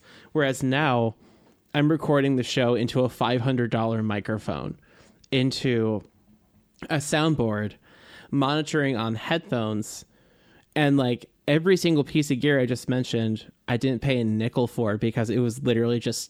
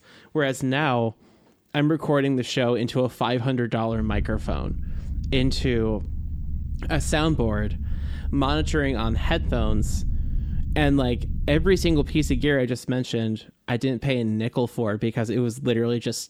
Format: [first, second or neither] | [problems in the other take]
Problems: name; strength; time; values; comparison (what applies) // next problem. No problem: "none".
first | low rumble; noticeable; from 4 to 12 s; 20 dB below the speech